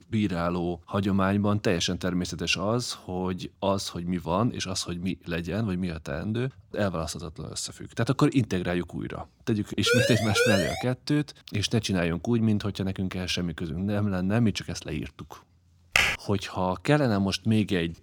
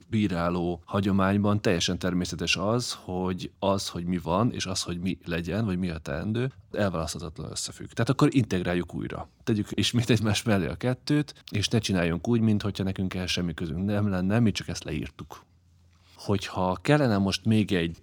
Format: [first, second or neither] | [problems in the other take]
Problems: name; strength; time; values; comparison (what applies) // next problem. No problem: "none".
second | siren; loud; at 10 s; peak 3 dB above the speech // keyboard typing; loud; at 16 s; peak 5 dB above the speech